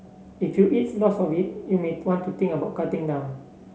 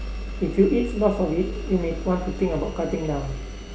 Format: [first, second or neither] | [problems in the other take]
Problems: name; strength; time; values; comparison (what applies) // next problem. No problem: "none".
first | background sound (Engine); 8 dB below the speech